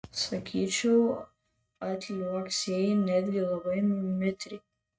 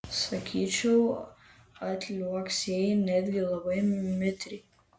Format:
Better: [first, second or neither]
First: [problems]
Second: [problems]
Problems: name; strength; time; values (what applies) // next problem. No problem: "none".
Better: second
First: noise reduction (neural mask model RNNoise)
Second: none